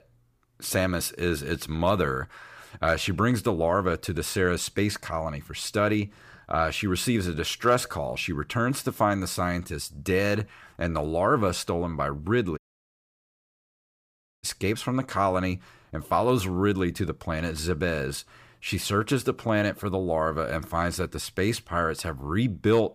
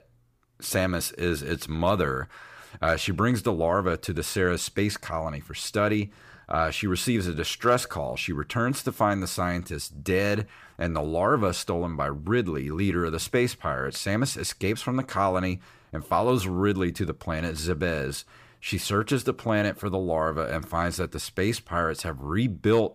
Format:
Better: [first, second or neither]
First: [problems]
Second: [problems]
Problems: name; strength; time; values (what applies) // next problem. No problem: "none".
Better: second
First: audio cutting out; at 13 s for 2 s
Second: none